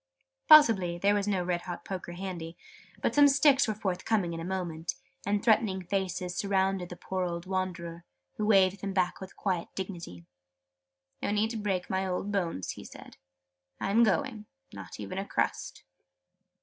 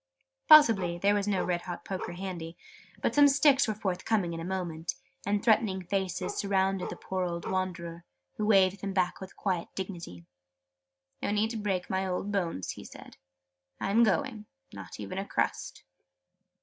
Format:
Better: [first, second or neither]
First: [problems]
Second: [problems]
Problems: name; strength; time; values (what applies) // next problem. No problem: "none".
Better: first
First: none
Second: background sound (Bark); 13 dB below the speech